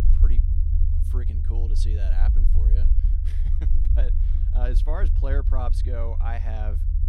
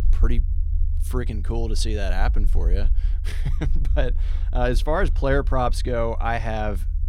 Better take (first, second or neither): second